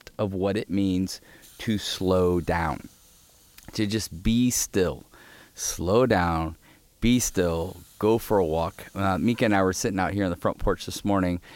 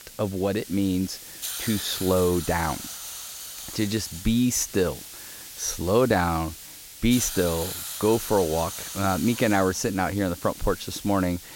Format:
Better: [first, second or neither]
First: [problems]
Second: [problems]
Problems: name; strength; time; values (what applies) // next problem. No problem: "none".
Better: first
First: hiss; faint; throughout; 30 dB below the speech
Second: hiss; loud; throughout; 10 dB below the speech